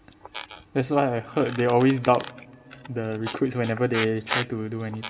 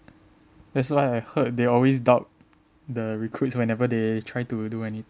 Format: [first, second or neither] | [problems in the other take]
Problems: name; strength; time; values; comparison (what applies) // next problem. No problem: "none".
second | background sound (Squeak); 12 dB below the speech // room echo; dies away in 2.8 s